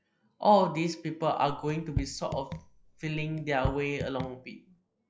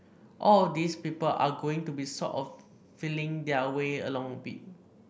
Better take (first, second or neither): second